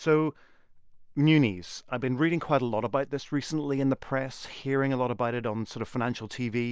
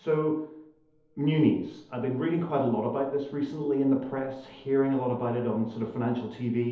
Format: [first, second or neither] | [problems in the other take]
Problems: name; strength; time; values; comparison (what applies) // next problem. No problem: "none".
first | room echo; dies away in 2.2 s